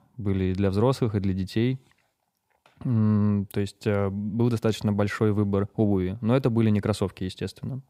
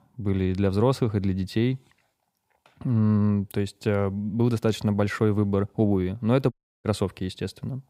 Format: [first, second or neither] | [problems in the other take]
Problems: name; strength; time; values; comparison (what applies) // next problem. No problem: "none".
first | audio cutting out; at 6.5 s